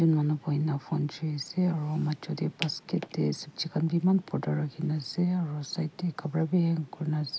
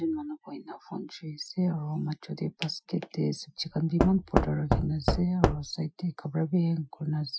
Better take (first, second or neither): first